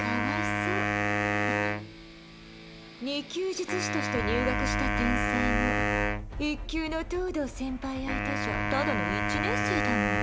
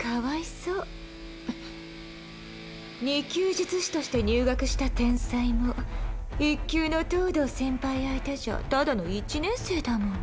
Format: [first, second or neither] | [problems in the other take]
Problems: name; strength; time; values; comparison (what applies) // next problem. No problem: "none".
second | background sound (Wind instrument, woodwind instrument); 2 dB above the speech